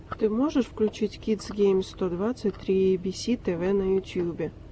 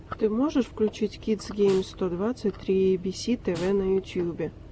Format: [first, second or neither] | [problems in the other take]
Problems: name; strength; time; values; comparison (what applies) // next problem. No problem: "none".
first | background sound (Snare drum); 19 dB below the speech